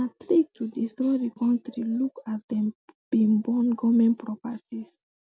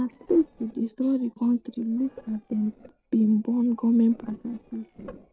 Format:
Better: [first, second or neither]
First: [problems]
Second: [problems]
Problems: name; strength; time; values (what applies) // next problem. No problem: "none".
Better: first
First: none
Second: noise reduction (neural separator model SepFormer DNS4)